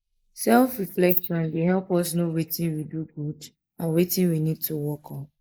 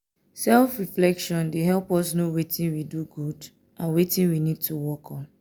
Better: second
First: noise reduction (neural mask model Resemble Enhance denoiser)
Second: none

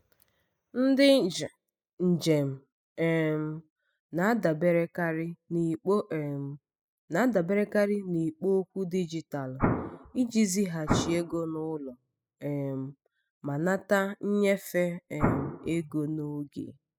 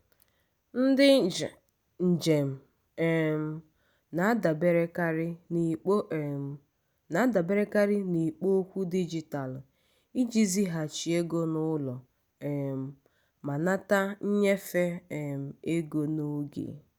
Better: second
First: noise reduction (classical method spectral subtraction)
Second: none

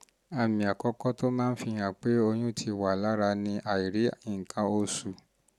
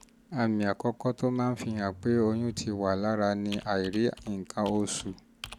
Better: first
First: none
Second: background sound (Computer keyboard + Bowed string instrument); 19 dB below the speech

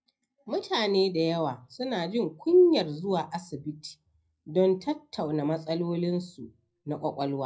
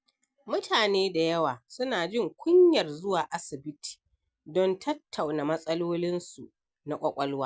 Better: second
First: room echo; dies away in 0.4 s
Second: none

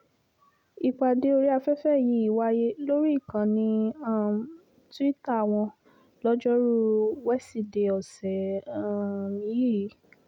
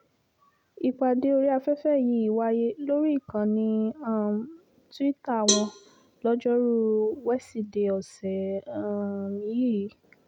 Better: first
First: none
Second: background sound (Cowbell); 6 dB below the speech

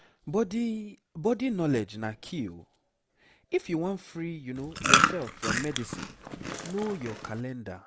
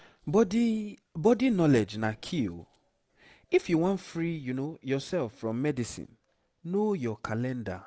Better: second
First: background sound (Chewing, mastication); 4 dB above the speech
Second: none

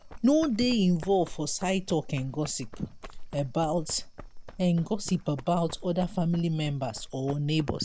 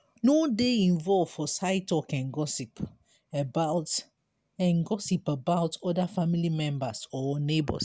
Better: second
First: background sound (Run); 13 dB below the speech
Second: none

